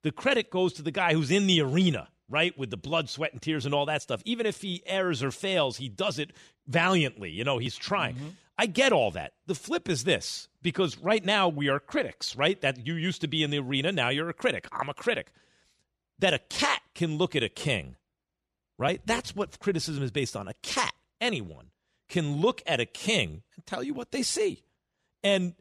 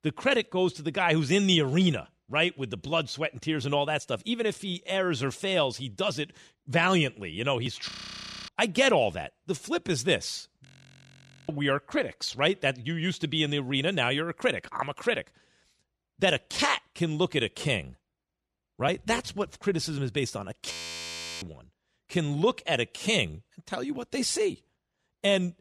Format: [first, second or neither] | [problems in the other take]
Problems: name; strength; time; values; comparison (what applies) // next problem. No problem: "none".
first | audio freezing; at 8 s for 0.5 s, at 11 s for 1 s and at 21 s for 0.5 s